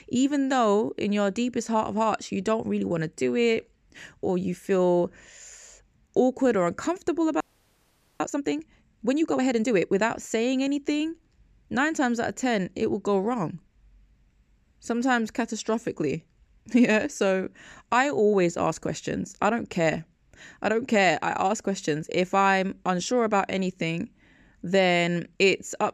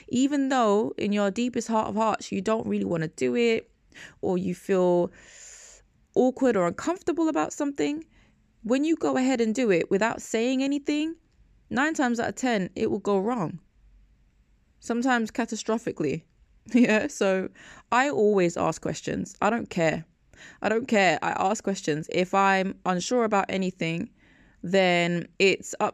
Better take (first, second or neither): second